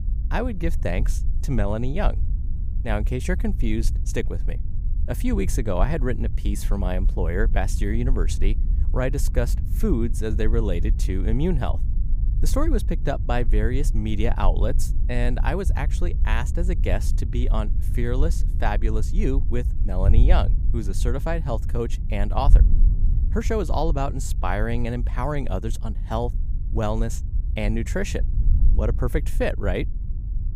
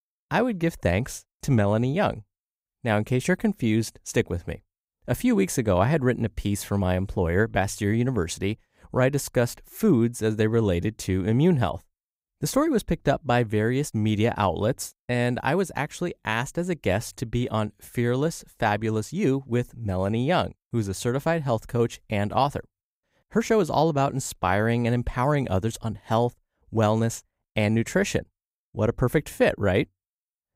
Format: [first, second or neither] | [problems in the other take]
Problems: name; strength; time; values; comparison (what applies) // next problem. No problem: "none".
second | wind noise on the microphone; occasional gusts; 15 dB below the speech